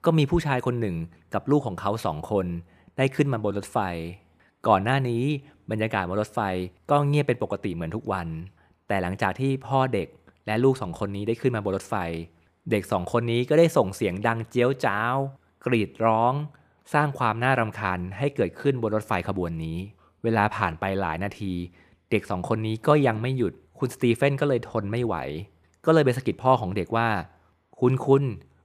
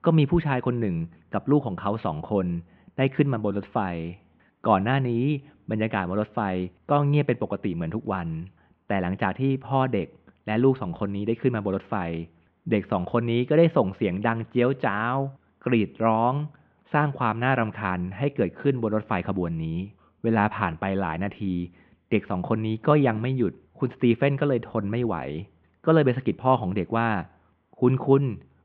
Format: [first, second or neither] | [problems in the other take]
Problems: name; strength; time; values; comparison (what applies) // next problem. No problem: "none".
first | muffled; very; fading above 3.5 kHz